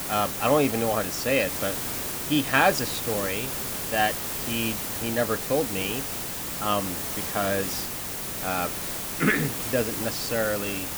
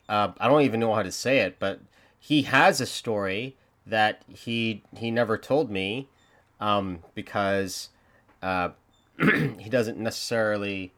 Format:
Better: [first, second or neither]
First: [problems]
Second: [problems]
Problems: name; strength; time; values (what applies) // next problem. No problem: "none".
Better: second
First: hiss; loud; throughout; 2 dB below the speech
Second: none